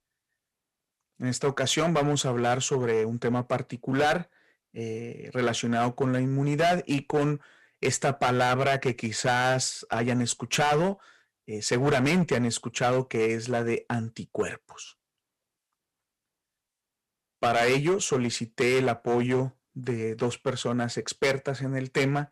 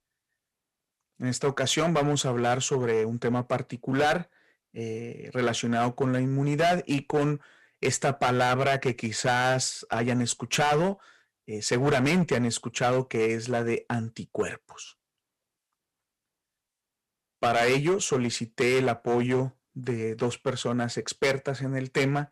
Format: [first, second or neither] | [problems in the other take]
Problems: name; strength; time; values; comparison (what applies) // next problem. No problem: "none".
neither | distortion; heavy; 8% of the sound clipped; the same in both